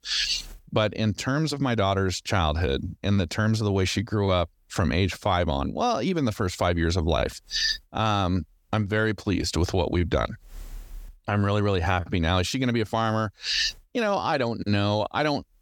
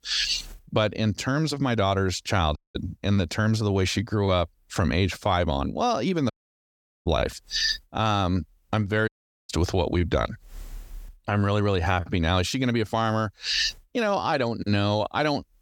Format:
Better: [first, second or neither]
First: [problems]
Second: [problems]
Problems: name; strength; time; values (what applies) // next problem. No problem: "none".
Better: first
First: none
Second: audio cutting out; at 2.5 s, at 6.5 s for 1 s and at 9 s